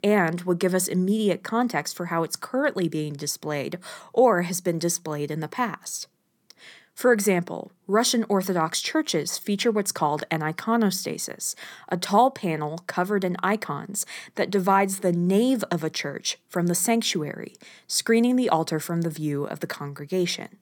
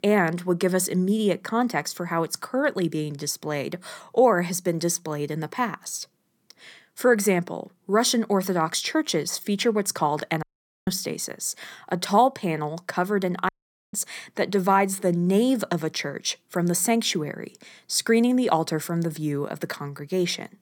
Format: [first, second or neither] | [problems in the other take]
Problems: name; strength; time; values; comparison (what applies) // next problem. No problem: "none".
first | audio cutting out; at 10 s and at 13 s